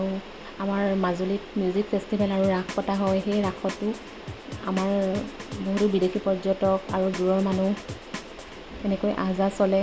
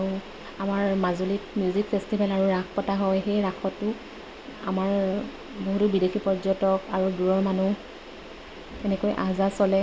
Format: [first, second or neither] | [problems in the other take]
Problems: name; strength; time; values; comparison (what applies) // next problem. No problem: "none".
second | background sound (Drum); 14 dB below the speech